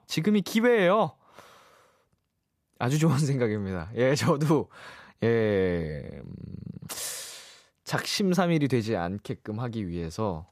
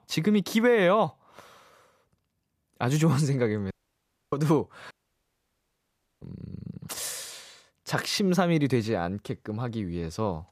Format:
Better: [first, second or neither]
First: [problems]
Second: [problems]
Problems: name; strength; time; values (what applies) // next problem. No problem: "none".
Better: first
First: none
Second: audio cutting out; at 3.5 s for 0.5 s and at 5 s for 1.5 s